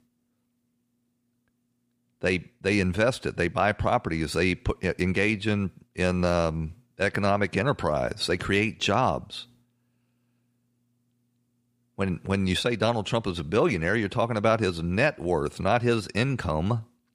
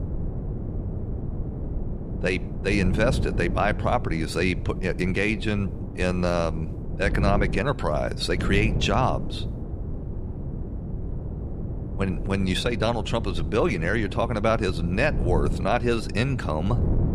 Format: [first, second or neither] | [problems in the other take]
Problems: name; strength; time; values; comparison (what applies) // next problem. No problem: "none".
first | wind noise on the microphone; occasional gusts; 15 dB below the speech